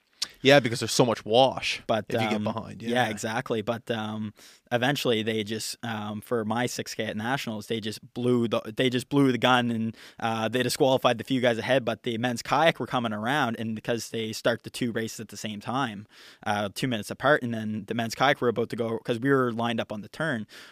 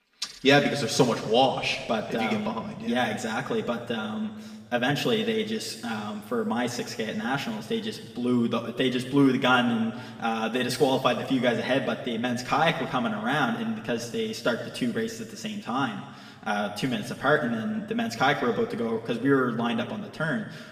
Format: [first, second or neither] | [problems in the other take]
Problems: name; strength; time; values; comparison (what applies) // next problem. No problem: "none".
first | room echo; slight; dies away in 1.7 s // off-mic speech; somewhat distant